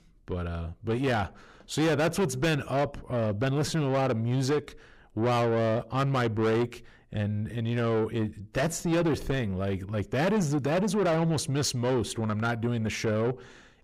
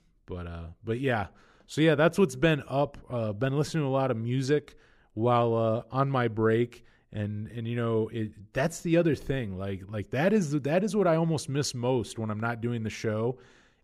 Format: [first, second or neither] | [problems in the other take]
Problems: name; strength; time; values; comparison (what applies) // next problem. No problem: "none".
second | distortion; heavy; 8 dB below the speech